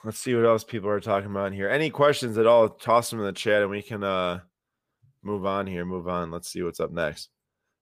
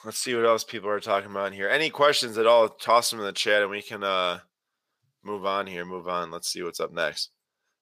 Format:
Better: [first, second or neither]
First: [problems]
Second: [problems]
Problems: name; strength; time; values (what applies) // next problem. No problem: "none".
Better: first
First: none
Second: thin; somewhat; fading below 750 Hz